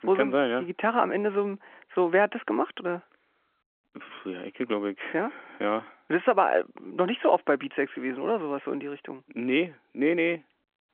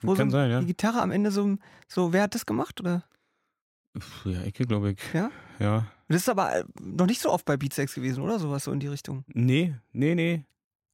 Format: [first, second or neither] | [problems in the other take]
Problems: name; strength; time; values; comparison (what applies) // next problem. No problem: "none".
second | phone-call audio; nothing above 3.5 kHz